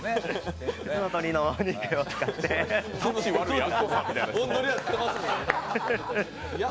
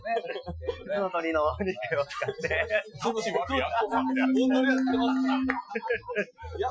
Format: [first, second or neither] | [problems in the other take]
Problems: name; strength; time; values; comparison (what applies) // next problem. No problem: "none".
first | noise reduction (classical method Wiener filter)